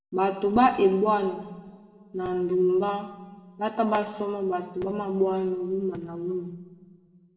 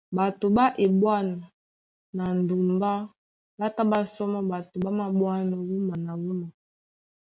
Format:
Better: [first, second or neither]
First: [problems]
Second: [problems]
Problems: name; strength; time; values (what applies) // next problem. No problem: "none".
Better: second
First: room echo; dies away in 1.6 s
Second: none